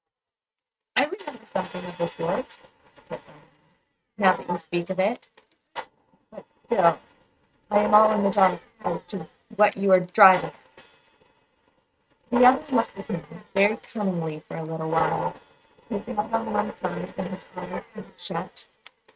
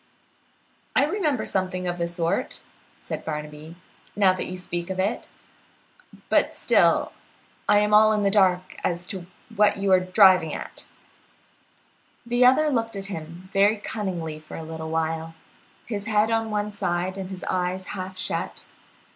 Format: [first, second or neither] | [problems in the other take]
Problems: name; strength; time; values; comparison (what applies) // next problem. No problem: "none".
second | noise reduction (neural mask model RNNoise)